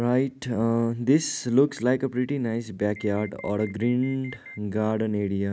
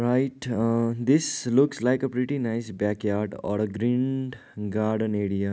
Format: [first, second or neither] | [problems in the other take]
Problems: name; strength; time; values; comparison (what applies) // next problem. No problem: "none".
second | background sound (Alarm); 19 dB below the speech